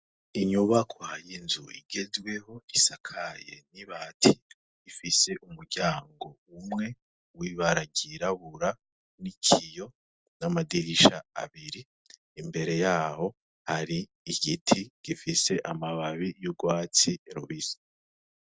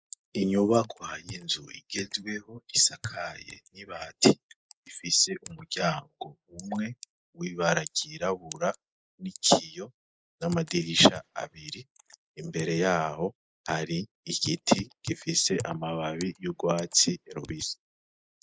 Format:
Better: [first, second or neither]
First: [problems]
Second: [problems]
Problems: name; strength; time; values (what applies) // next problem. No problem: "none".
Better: first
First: none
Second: noise reduction (neural mask model Resemble Enhance denoiser)